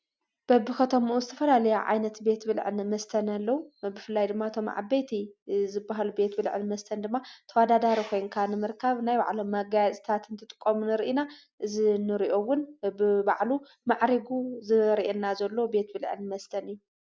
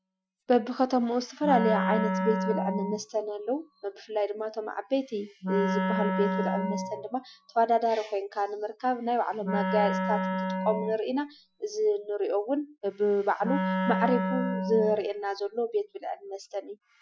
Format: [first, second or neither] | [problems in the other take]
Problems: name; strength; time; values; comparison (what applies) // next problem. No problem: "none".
first | noise reduction (classical method Wiener filter)